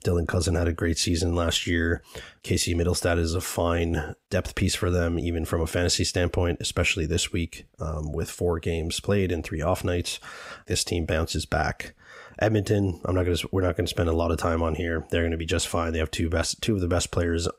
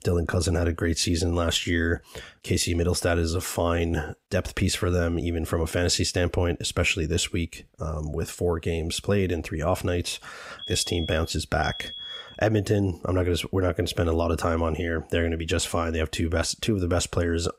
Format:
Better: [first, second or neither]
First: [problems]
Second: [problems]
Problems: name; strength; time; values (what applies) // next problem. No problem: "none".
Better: first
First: none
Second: alarm; noticeable; from 11 to 12 s; peak 8 dB below the speech